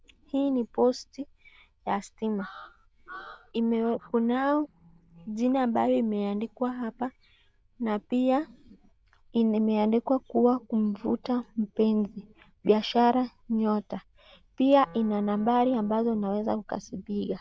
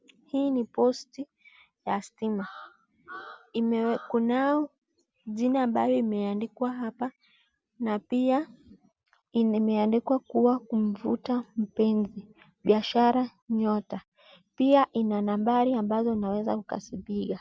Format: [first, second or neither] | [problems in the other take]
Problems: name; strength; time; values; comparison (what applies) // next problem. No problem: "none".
second | noise reduction (neural diffusion model UNIVERSE++)